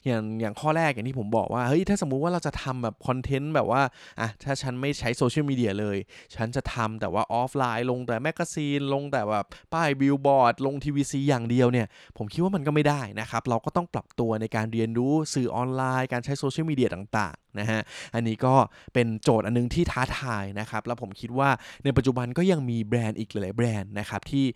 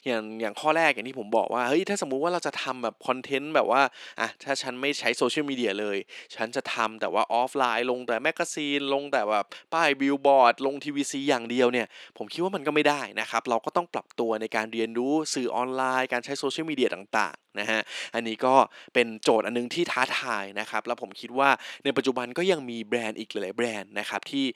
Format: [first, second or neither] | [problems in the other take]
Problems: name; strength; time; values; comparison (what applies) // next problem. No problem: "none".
first | thin; somewhat; fading below 300 Hz